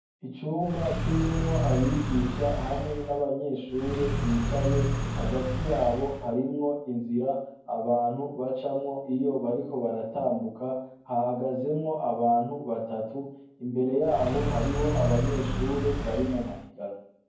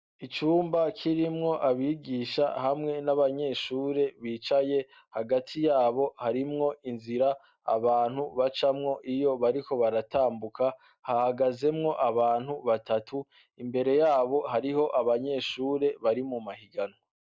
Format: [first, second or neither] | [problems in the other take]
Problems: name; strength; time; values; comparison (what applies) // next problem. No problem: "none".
second | background sound (Car); as loud as the speech // room echo; dies away in 0.9 s